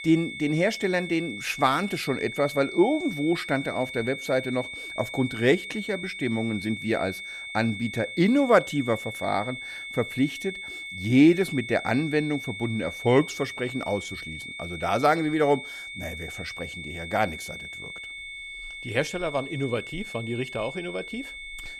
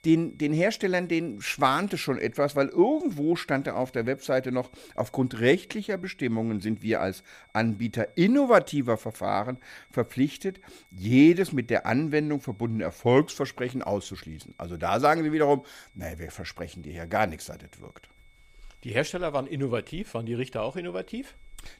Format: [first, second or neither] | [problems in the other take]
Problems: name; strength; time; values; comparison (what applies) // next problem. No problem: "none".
second | high-pitched whine; loud; throughout; 2 kHz, 9 dB below the speech; faint in the second